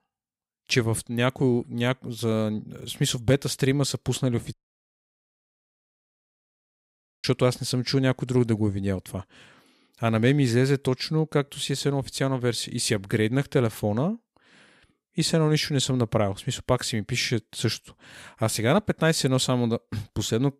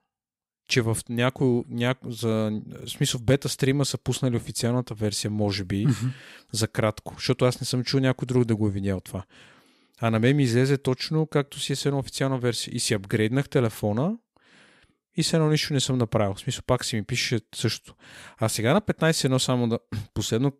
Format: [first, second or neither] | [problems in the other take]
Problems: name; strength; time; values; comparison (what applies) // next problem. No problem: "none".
second | audio cutting out; at 4.5 s for 2.5 s